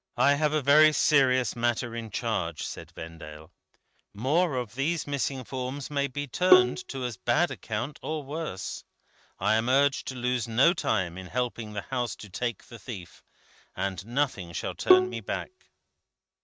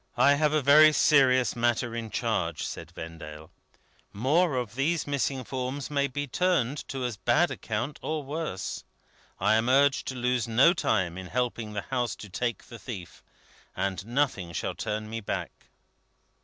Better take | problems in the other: second | noise reduction (neural mask model RNNoise)

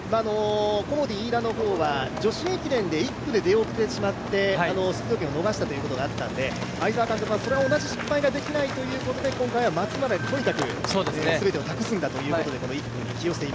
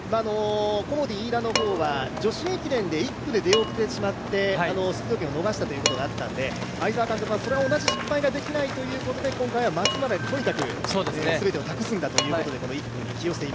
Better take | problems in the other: first | background sound (Dishes, pots, and pans); 10 dB below the speech

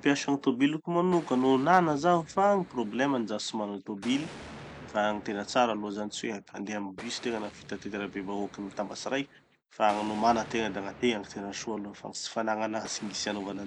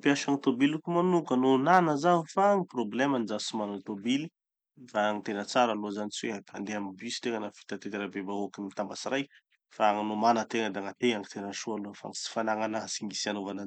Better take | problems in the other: second | background sound (Explosion); 19 dB below the speech

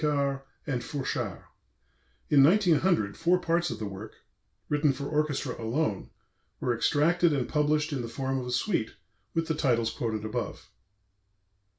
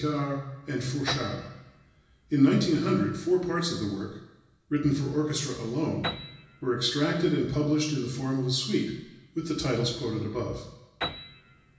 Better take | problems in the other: first | background sound (Piano); 16 dB below the speech // room echo; dies away in 1 s

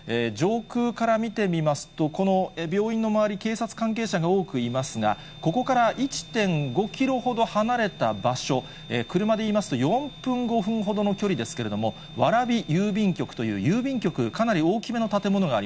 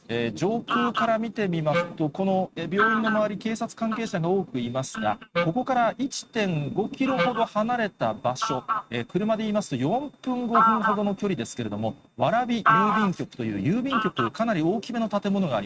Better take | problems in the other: first | noise reduction (neural mask model RNNoise)

